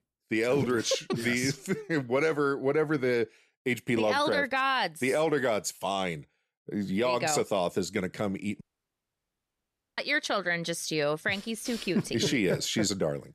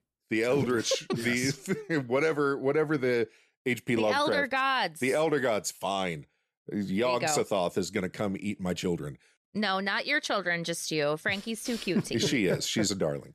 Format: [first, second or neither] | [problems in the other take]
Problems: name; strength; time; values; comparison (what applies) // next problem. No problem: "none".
second | audio cutting out; at 8.5 s for 1.5 s